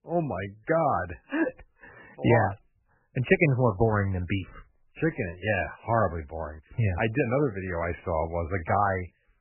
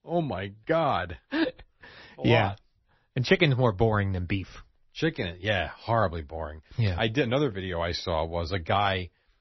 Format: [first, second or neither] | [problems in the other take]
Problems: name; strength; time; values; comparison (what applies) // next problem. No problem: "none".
second | garbled, watery; badly; nothing above 3 kHz; slightly in the second